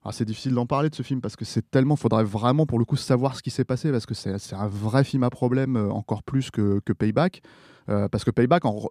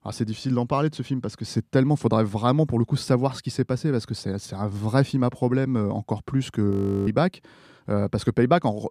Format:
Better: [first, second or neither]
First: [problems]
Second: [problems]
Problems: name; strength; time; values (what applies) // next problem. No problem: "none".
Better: first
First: none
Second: audio freezing; at 6.5 s